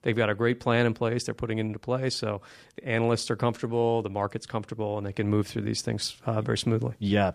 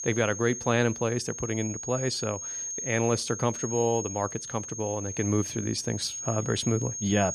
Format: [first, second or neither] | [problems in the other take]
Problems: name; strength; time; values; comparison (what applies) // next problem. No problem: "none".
first | high-pitched whine; loud; throughout; 6.5 kHz, 6 dB below the speech